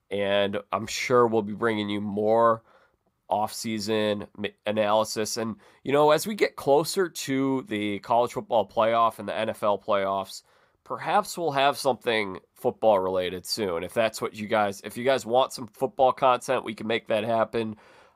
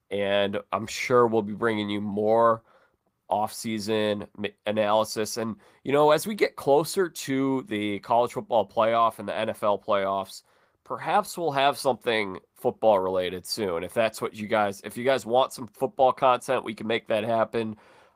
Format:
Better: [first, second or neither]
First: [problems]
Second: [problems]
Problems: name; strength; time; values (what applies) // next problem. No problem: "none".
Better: first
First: none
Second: garbled, watery; slightly; nothing above 15.5 kHz